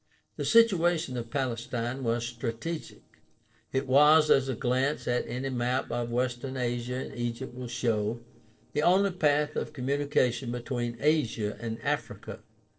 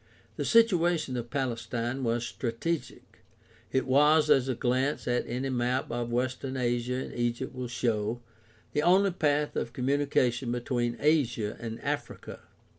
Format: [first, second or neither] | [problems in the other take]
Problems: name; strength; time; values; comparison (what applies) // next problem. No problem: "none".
second | noise reduction (neural separator model SepFormer DNS4)